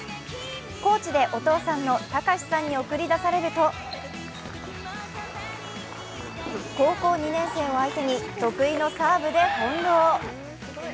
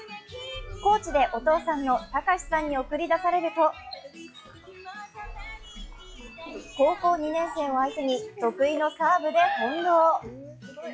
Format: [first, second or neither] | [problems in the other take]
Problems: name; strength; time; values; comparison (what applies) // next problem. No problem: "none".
first | noise reduction (classical method log-MMSE)